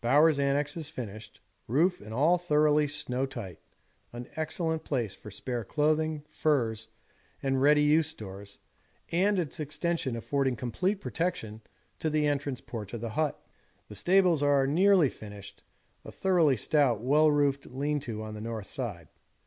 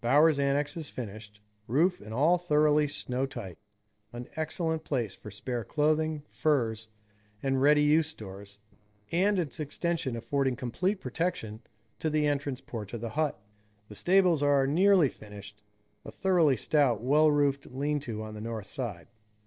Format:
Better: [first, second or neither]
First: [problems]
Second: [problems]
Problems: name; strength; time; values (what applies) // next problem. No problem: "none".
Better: first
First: none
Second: noise reduction (neural separator model SepFormer DNS4)